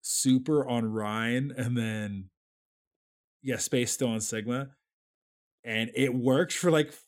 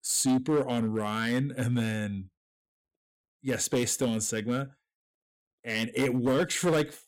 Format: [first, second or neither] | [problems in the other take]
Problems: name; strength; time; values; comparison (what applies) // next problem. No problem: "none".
first | distortion; slight; 6% of the sound clipped